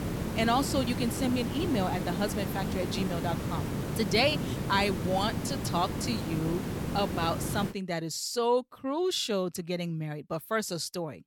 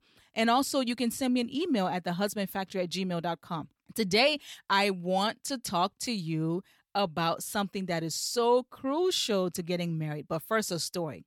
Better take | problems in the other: second | hiss; loud; until 7.5 s; 3 dB below the speech

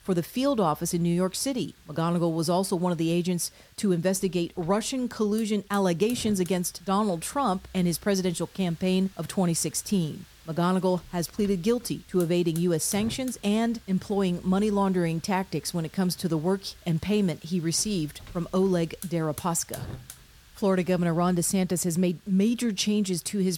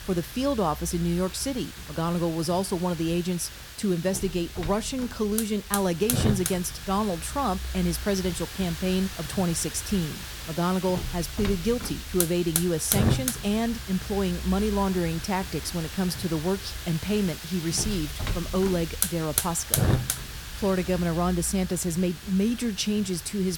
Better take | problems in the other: first | hiss; loud; throughout; 5 dB below the speech; faint in the first

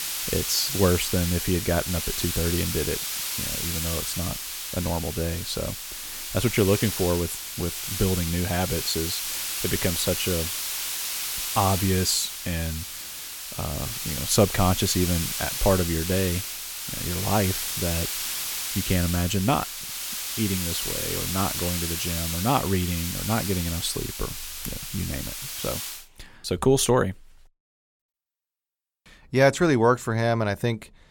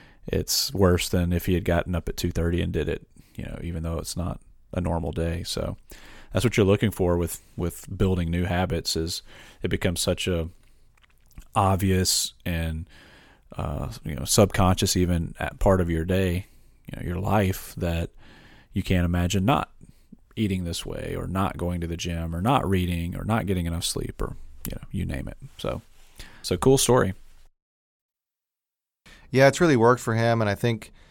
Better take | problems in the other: second | hiss; loud; until 26 s; 3 dB below the speech

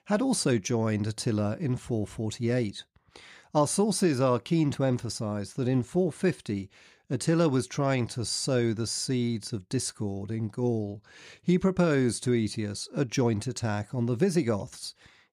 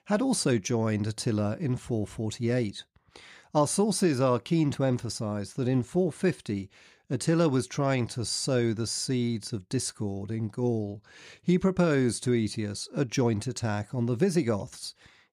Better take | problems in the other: neither | none

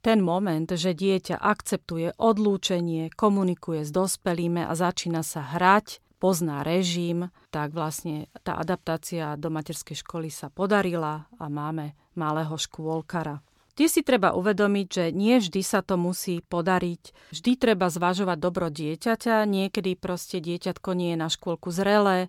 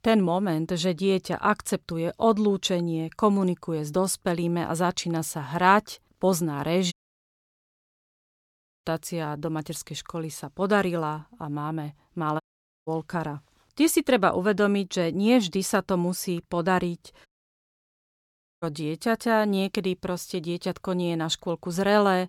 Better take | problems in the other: first | audio cutting out; at 7 s for 2 s, at 12 s and at 17 s for 1.5 s

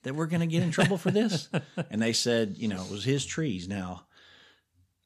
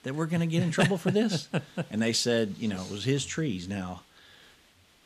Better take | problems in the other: first | hiss; faint; throughout; 30 dB below the speech

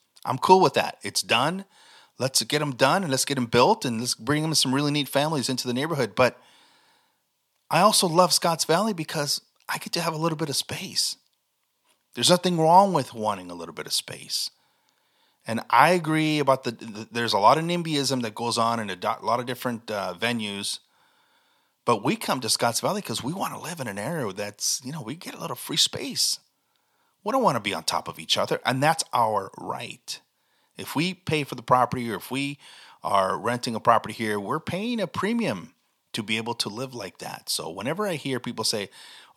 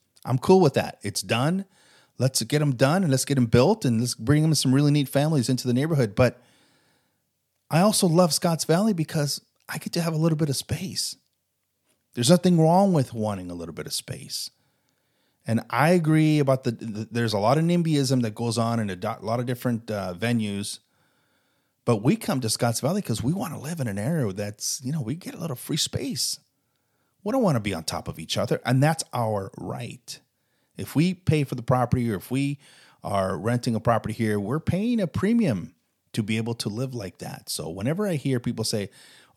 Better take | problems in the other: second | thin; somewhat; fading below 400 Hz

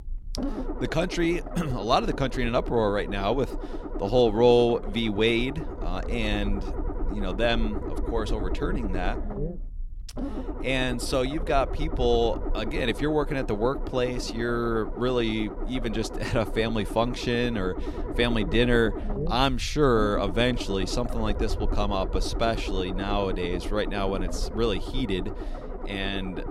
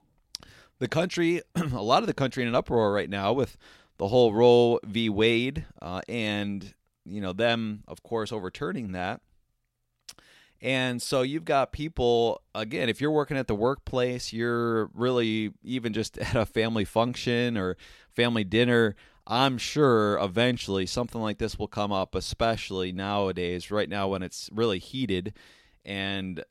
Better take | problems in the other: second | low rumble; noticeable; throughout; 10 dB below the speech

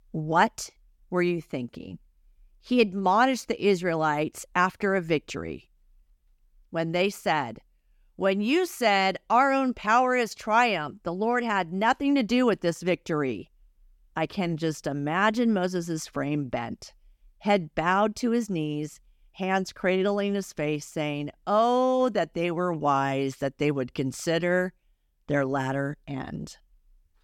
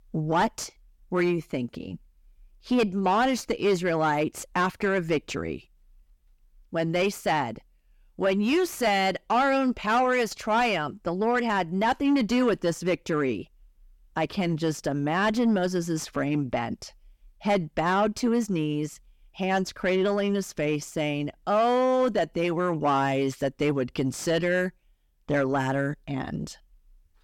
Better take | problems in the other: first | distortion; slight; 10 dB below the speech

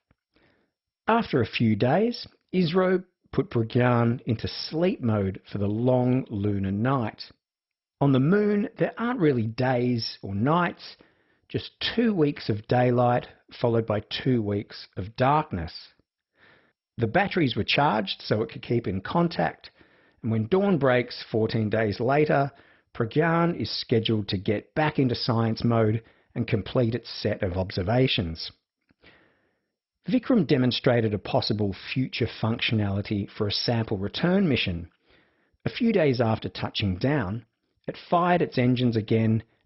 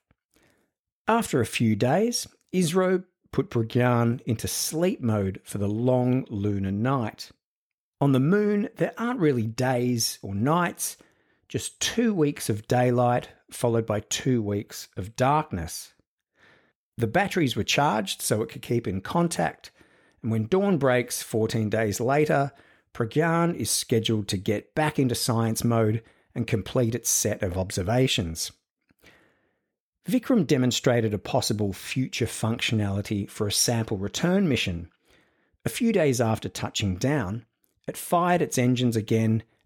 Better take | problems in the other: second | garbled, watery; badly; nothing above 5.5 kHz

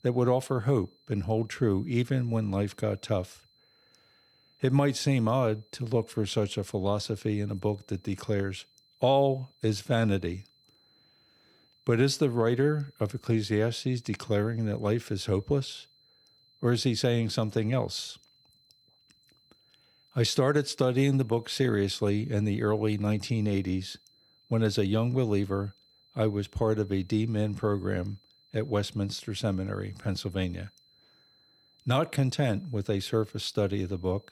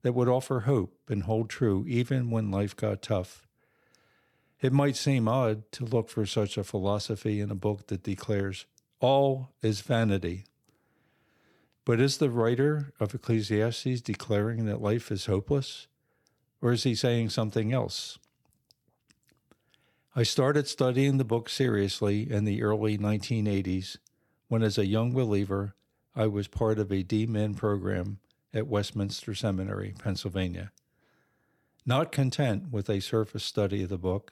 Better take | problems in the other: second | high-pitched whine; faint; throughout; 4 kHz, 35 dB below the speech

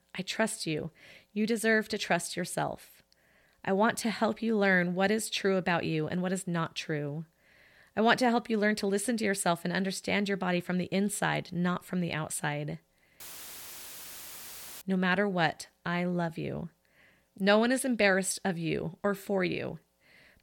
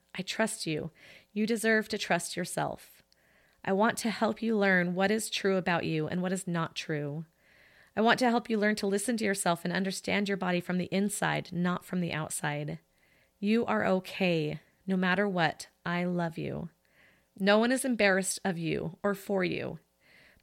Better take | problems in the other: second | audio cutting out; filled with static; at 13 s for 1.5 s

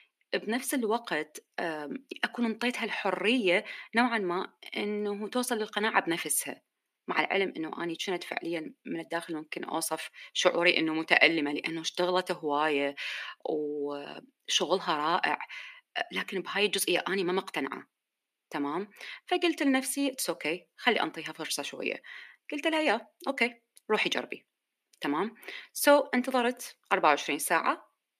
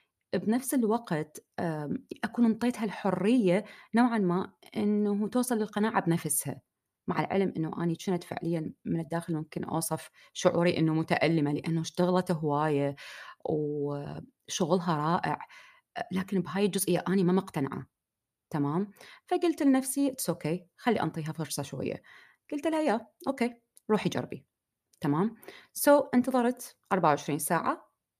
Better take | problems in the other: second | thin; very slightly; fading below 250 Hz

